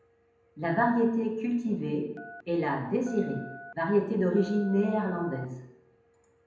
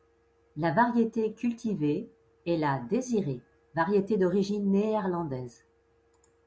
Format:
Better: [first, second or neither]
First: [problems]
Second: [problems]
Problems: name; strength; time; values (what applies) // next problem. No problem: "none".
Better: second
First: background sound (Telephone); 17 dB below the speech // room echo; dies away in 0.7 s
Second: none